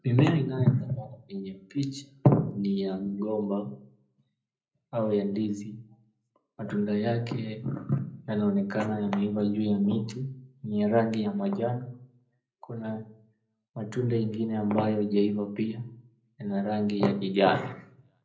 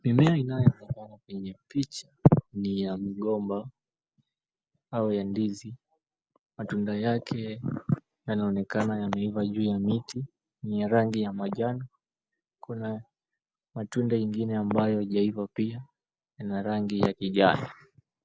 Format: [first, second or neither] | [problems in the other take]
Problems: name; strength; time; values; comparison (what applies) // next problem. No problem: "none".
second | room echo; dies away in 0.5 s